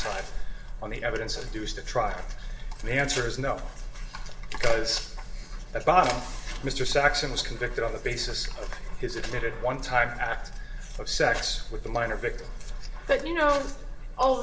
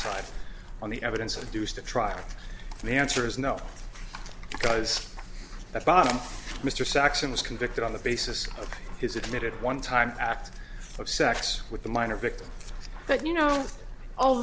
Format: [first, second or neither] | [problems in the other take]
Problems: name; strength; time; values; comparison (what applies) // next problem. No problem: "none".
second | room echo; dies away in 0.7 s